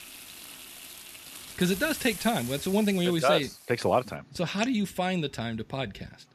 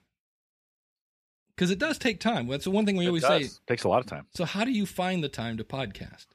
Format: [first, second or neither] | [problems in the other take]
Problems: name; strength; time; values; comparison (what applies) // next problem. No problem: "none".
second | household noises; noticeable; throughout; 15 dB below the speech